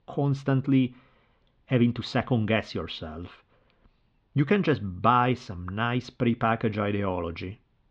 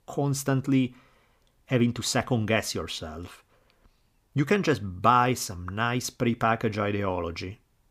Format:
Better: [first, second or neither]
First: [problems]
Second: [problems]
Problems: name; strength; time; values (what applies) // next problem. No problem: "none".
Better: second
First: muffled; slightly; fading above 3.5 kHz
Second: none